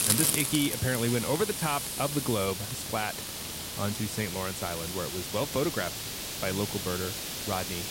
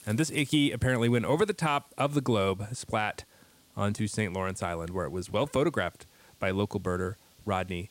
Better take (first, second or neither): second